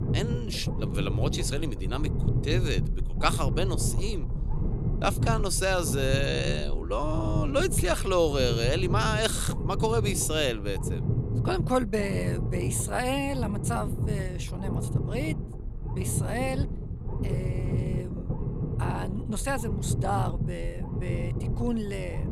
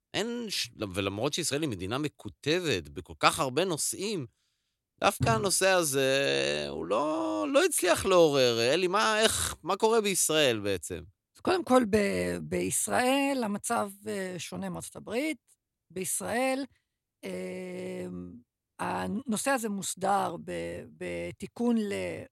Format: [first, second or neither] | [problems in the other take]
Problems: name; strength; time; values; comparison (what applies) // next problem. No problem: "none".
second | low rumble; noticeable; throughout; 10 dB below the speech